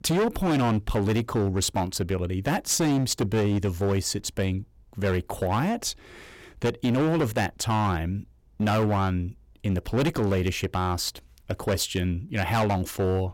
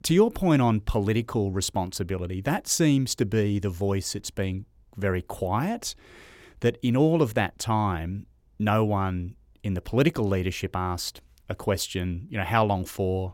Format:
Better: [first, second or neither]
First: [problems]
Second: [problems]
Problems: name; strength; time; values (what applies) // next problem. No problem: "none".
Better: second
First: distortion; heavy; 14% of the sound clipped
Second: none